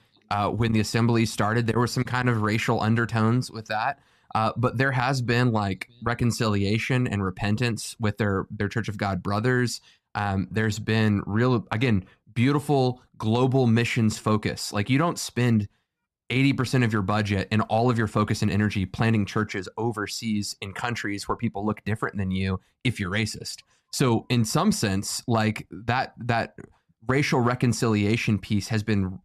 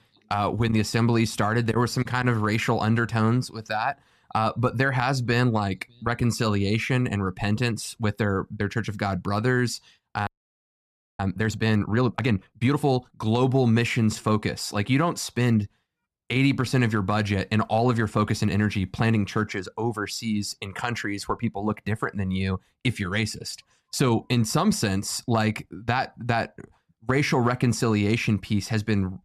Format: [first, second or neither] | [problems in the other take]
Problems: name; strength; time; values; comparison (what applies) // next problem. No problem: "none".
first | audio freezing; at 10 s for 1 s